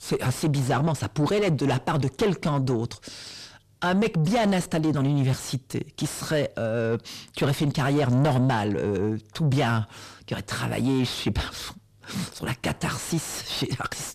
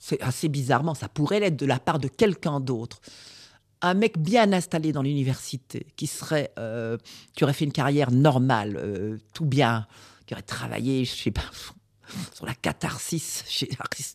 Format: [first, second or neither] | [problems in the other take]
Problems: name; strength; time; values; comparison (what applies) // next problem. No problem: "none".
second | distortion; heavy; 6 dB below the speech